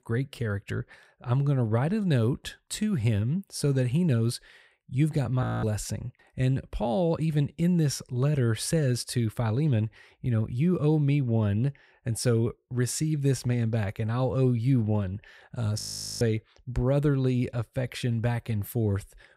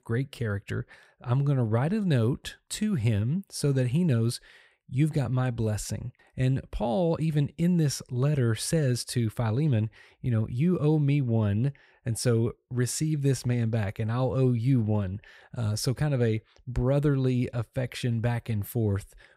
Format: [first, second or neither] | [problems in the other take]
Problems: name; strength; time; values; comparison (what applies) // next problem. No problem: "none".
second | audio freezing; at 5.5 s and at 16 s